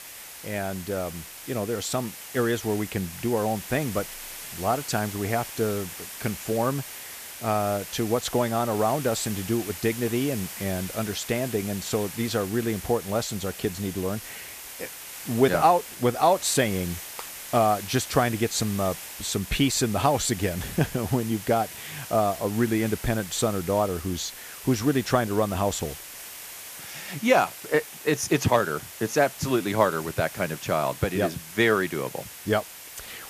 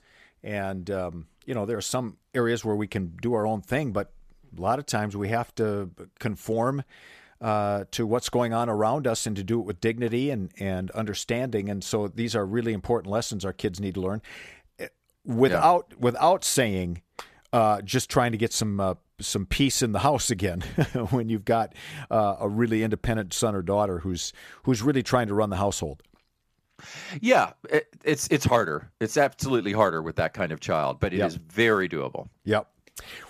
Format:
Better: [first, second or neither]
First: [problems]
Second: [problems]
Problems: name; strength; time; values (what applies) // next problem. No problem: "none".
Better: second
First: hiss; noticeable; throughout; 10 dB below the speech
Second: none